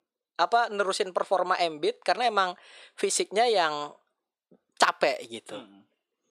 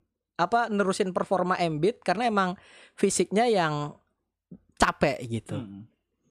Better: second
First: thin; very; fading below 500 Hz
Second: none

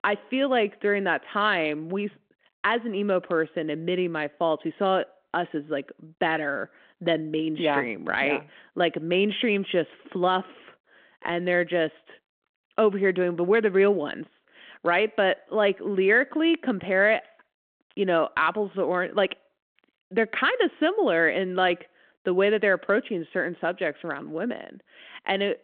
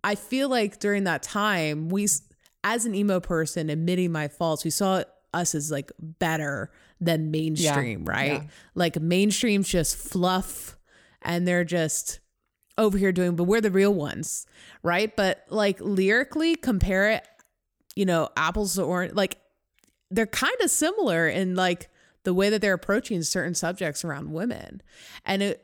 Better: second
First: phone-call audio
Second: none

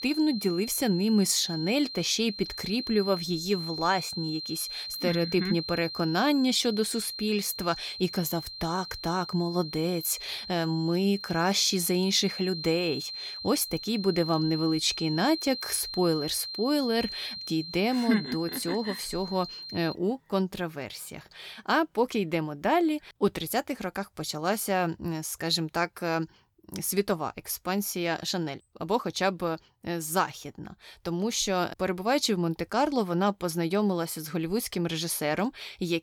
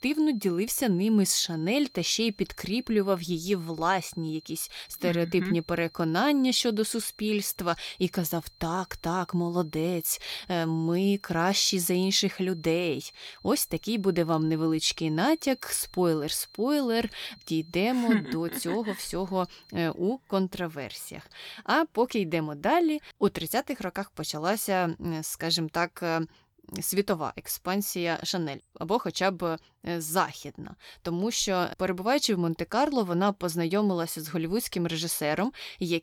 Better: second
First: high-pitched whine; loud; until 20 s; 4 kHz, 8 dB below the speech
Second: high-pitched whine; faint; until 20 s; 4 kHz, 25 dB below the speech

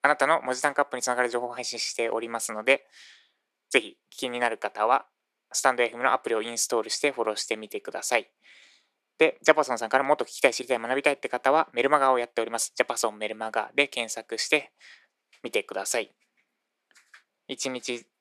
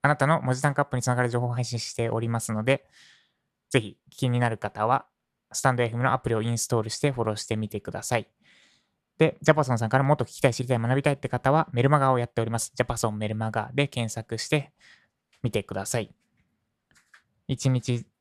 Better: second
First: thin; very; fading below 300 Hz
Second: none

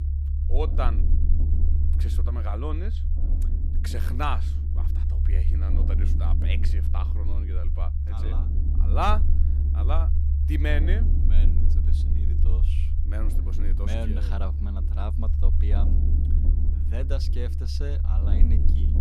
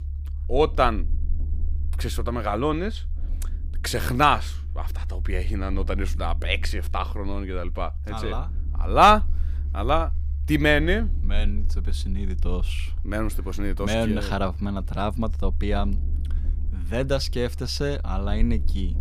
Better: second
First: low rumble; loud; throughout; 8 dB below the speech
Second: low rumble; faint; throughout; 25 dB below the speech

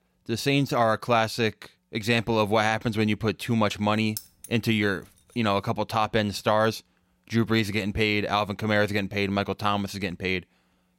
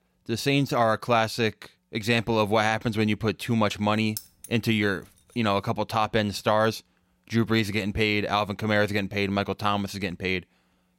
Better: neither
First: jangling keys; faint; at 4 s; peak 10 dB below the speech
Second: jangling keys; faint; at 4 s; peak 10 dB below the speech

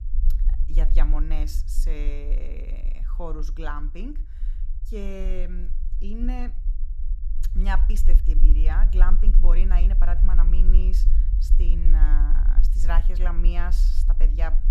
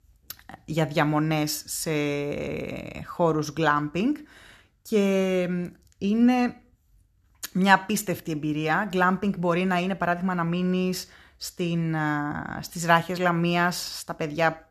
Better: second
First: low rumble; noticeable; throughout; 10 dB below the speech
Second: none

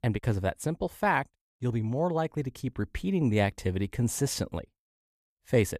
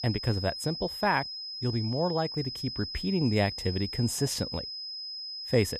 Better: first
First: none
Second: high-pitched whine; loud; throughout; 5 kHz, 6 dB below the speech

